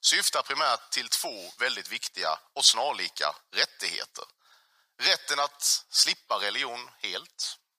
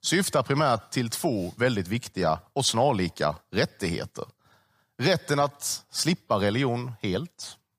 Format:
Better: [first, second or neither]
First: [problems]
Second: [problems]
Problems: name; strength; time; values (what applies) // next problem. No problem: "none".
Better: second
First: thin; very; fading below 1 kHz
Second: none